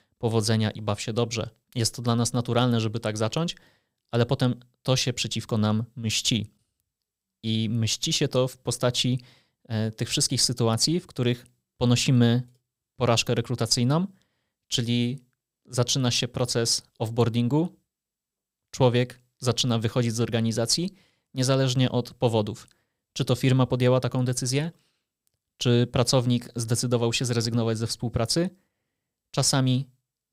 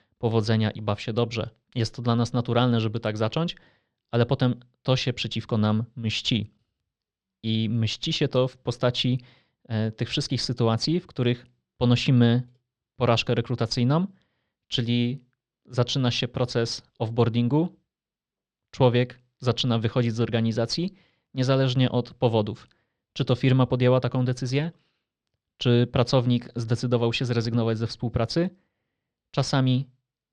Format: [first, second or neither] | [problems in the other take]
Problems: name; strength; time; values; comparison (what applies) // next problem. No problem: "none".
first | muffled; very slightly; fading above 4 kHz